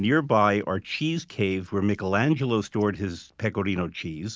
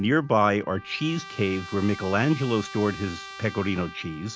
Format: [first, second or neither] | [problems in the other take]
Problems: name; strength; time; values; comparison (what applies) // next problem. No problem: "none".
first | background sound (Trumpet); 16 dB below the speech